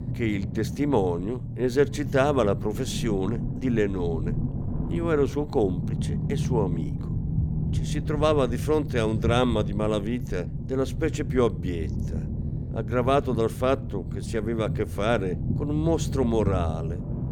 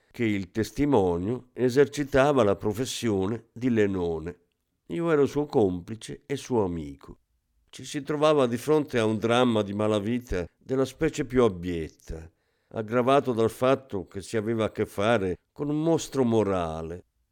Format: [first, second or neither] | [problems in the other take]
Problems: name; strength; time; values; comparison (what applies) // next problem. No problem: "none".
second | low rumble; noticeable; throughout; 15 dB below the speech